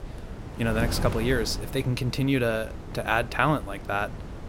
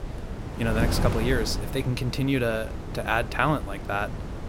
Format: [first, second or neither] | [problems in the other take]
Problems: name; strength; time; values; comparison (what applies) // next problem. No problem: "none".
first | wind noise on the microphone; heavy; 10 dB below the speech; occasional gusts in the first